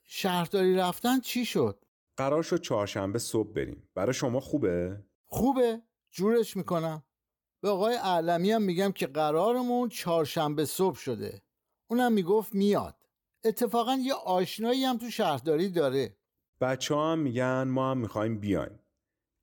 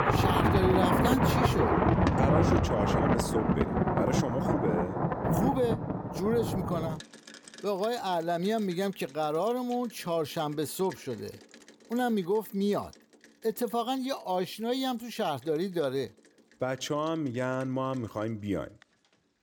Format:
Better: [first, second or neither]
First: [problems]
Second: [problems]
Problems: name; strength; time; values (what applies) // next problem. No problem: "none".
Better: first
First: none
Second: rain or running water; very loud; throughout; 4 dB above the speech